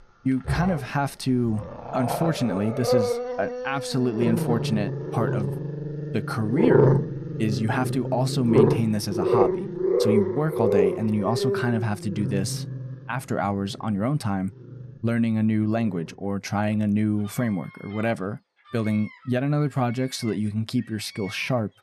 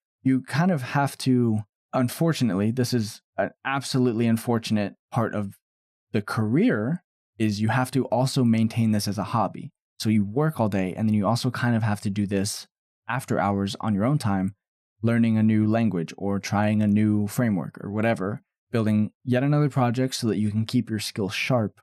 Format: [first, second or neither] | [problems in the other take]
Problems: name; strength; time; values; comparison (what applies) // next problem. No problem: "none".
second | animal sounds; very loud; throughout; as loud as the speech